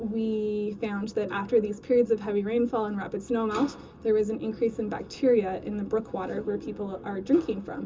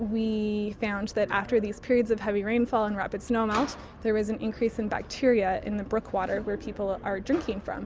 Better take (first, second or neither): second